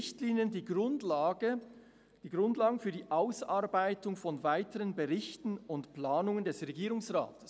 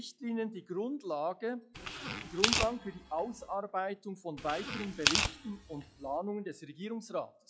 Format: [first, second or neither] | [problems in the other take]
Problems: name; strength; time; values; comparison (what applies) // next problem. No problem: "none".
first | noise reduction (classical method log-MMSE)